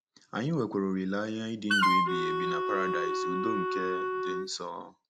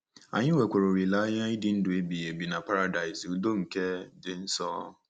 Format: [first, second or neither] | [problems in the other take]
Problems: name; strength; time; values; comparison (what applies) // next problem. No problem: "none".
second | background sound (Wind instrument, woodwind instrument); 4 dB above the speech